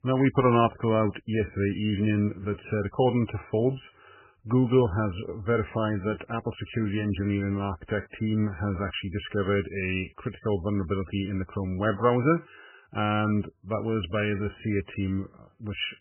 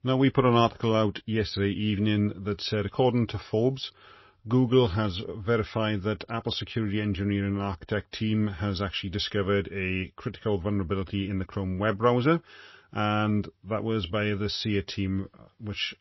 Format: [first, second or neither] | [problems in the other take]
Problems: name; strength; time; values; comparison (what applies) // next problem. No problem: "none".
second | garbled, watery; badly; nothing above 3 kHz; slightly in the second